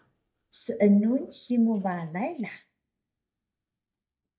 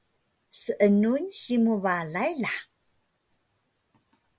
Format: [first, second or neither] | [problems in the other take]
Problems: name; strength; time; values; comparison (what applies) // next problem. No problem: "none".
second | noise reduction (neural mask model DeepFilterNet 3)